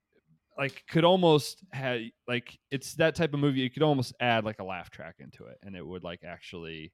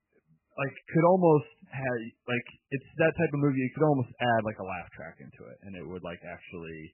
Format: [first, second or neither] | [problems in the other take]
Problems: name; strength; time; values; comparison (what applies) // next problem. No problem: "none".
first | garbled, watery; badly; nothing above 3 kHz